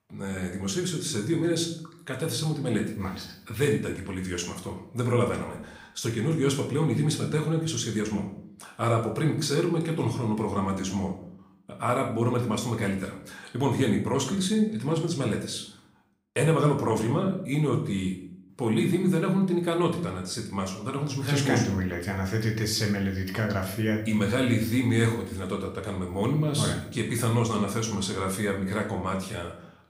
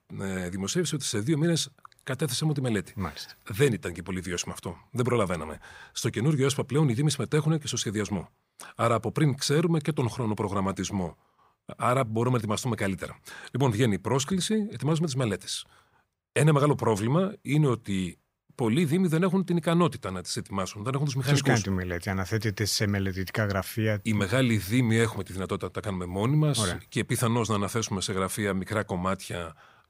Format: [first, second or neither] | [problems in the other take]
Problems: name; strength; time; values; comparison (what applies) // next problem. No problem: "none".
second | room echo; slight; dies away in 0.5 s // off-mic speech; somewhat distant